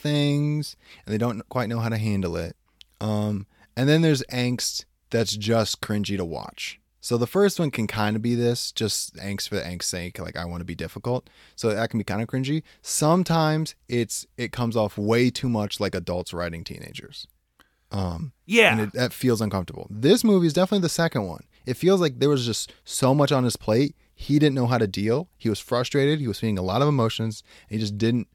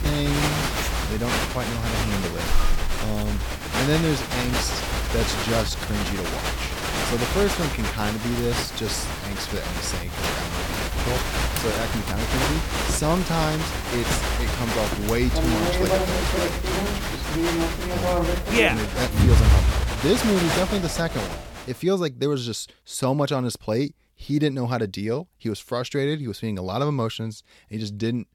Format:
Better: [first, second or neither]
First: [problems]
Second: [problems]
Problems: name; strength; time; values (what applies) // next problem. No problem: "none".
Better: first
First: none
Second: crowd noise; very loud; until 21 s; 2 dB above the speech